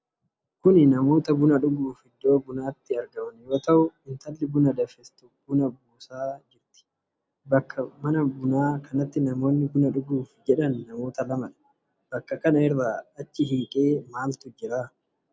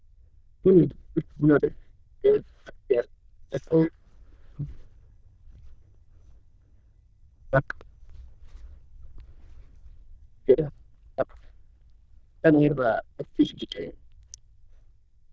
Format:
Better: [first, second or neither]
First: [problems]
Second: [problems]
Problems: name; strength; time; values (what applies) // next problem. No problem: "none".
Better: first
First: none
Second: noise reduction (neural diffusion model UNIVERSE++)